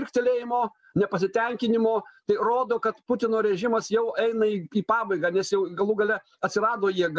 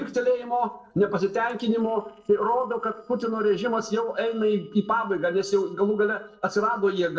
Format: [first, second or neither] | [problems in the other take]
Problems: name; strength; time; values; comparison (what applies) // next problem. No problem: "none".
first | noise reduction (neural separator model SepFormer DNS4)